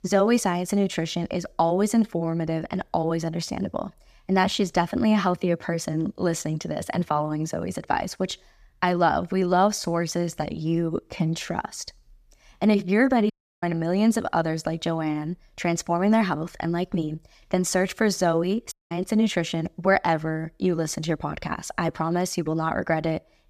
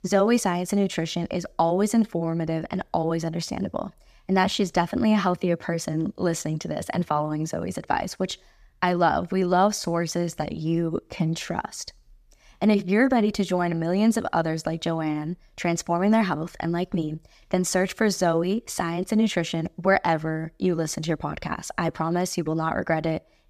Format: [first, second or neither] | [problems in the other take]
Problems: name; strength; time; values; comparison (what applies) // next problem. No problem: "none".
second | audio cutting out; at 13 s and at 19 s